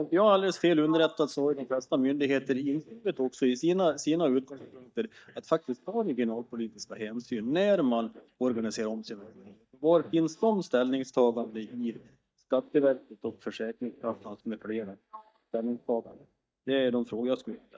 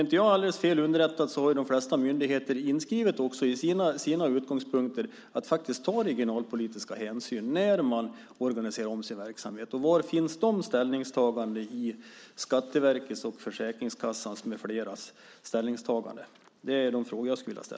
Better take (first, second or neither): second